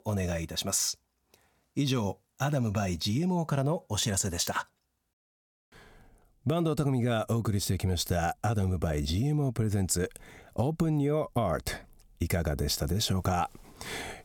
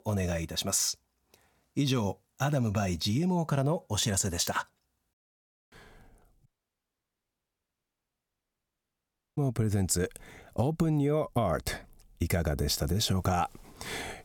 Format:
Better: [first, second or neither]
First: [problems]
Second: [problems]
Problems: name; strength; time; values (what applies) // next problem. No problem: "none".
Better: first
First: none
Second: audio cutting out; at 6.5 s for 3 s